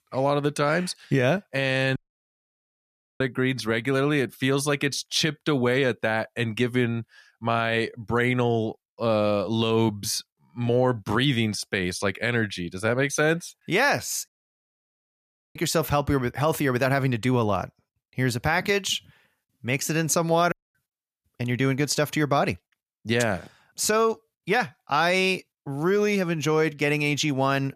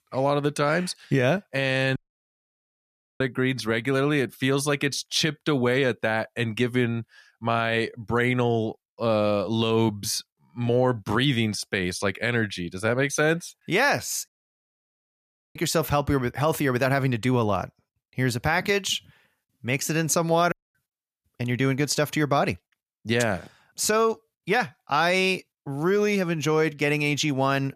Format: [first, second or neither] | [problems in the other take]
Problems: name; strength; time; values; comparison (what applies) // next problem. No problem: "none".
neither | audio cutting out; at 2 s for 1 s, at 14 s for 1.5 s and at 21 s; the same in both